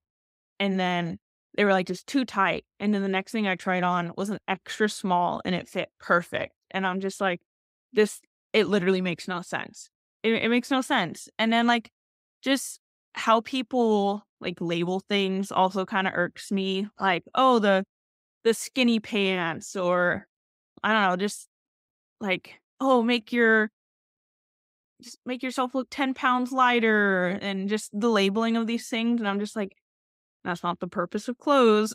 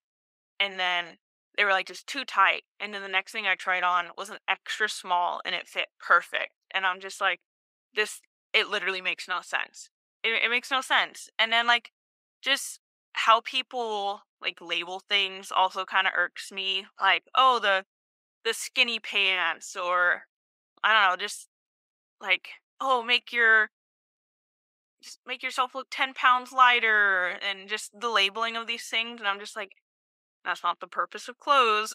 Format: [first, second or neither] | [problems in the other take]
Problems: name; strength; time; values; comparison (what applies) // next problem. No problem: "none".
first | thin; very; fading below 700 Hz